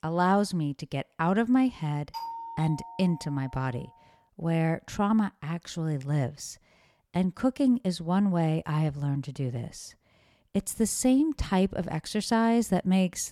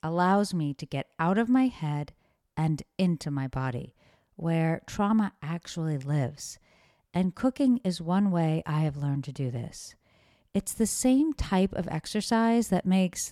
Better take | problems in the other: second | doorbell; noticeable; from 2 to 3.5 s; peak 10 dB below the speech

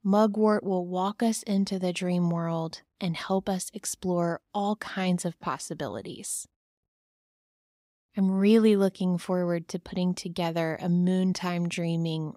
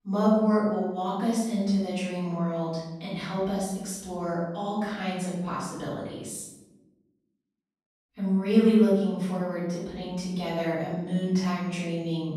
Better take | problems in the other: first | off-mic speech; far // room echo; strong; dies away in 0.9 s

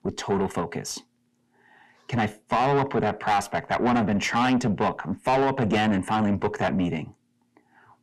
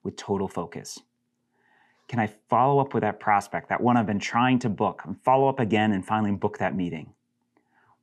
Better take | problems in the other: second | distortion; heavy; 6 dB below the speech

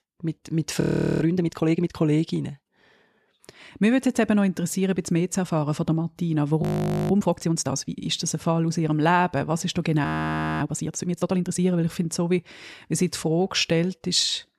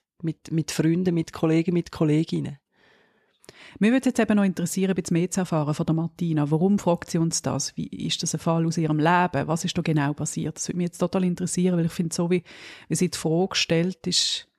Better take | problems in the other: second | audio freezing; at 1 s, at 6.5 s and at 10 s for 0.5 s

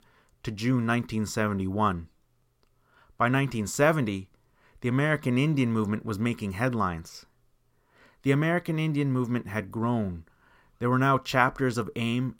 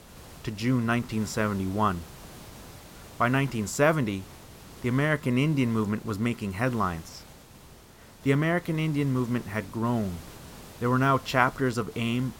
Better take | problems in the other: first | hiss; noticeable; throughout; 20 dB below the speech

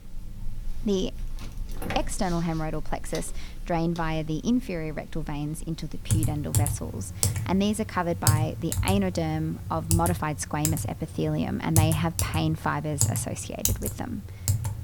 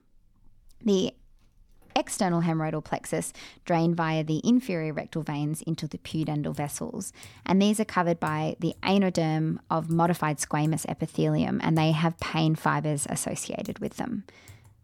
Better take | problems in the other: second | household noises; loud; throughout; 1 dB below the speech; faint in the second

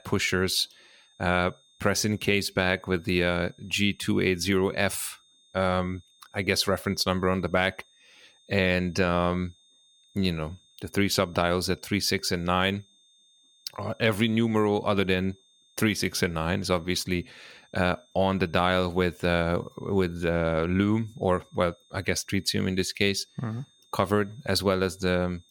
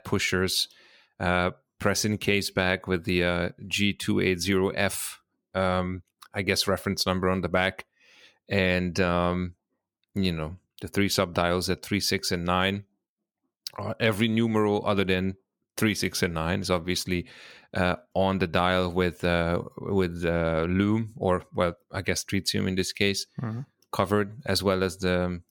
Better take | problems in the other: second | high-pitched whine; faint; throughout; 3.5 kHz, 30 dB below the speech

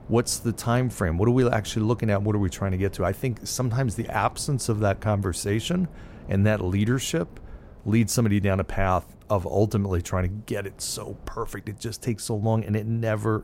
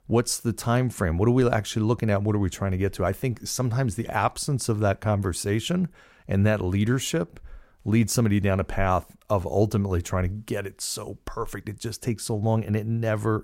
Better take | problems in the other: second | wind noise on the microphone; occasional gusts; 25 dB below the speech

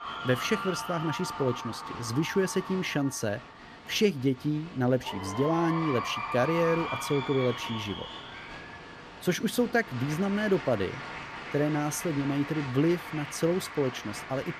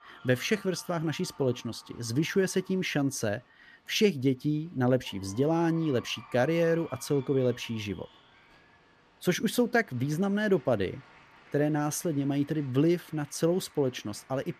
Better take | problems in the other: second | crowd noise; loud; throughout; 8 dB below the speech; faint in the second

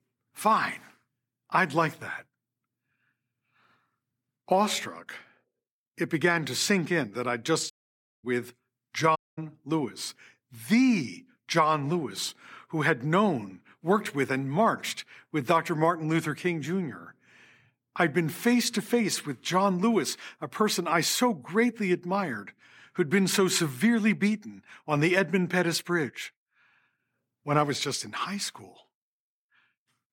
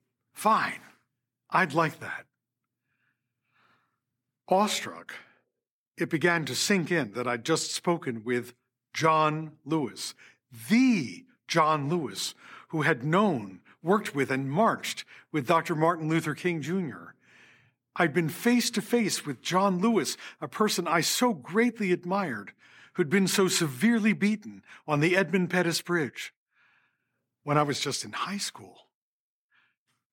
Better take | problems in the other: second | audio cutting out; at 7.5 s for 0.5 s and at 9 s

